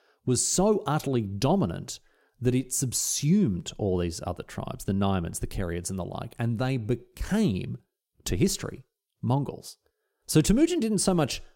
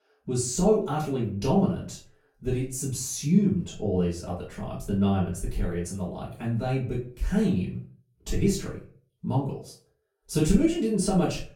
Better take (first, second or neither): first